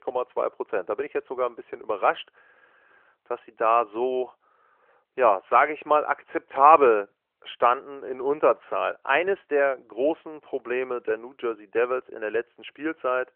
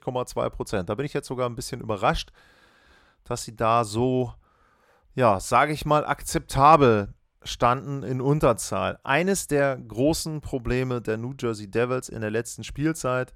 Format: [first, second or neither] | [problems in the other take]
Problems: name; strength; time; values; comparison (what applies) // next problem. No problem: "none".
second | phone-call audio